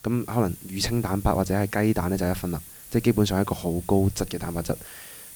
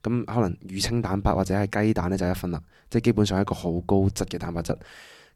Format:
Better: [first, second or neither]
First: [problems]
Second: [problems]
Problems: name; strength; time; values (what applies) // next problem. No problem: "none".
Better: second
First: hiss; noticeable; throughout; 15 dB below the speech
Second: none